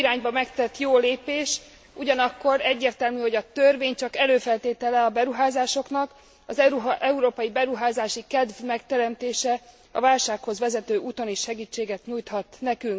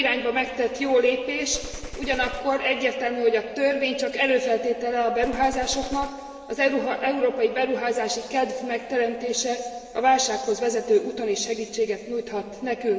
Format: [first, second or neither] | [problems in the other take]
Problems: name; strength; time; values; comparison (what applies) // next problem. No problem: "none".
first | background sound (Gunshot, gunfire); 14 dB below the speech // room echo; dies away in 2.9 s